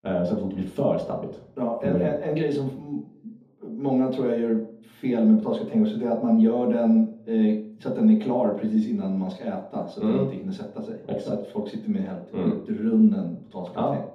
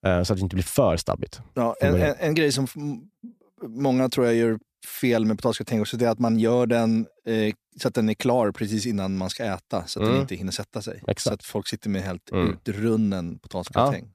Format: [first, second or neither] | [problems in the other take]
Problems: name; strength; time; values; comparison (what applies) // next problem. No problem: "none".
second | room echo; noticeable; dies away in 0.6 s // off-mic speech; far